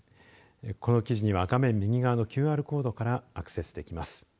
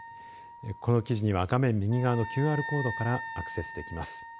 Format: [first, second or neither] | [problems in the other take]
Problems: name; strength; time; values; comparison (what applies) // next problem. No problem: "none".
first | background sound (Wind instrument, woodwind instrument); 11 dB below the speech